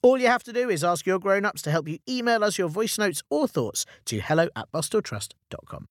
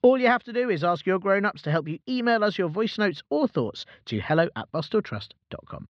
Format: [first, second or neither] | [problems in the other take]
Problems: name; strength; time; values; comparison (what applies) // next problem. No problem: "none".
first | muffled; slightly; fading above 4 kHz